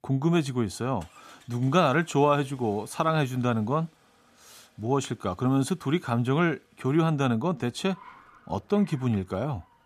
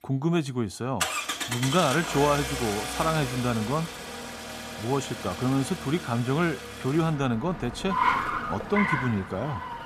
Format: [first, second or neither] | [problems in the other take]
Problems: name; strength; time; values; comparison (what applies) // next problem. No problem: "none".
first | traffic noise; loud; throughout; 4 dB below the speech; faint in the first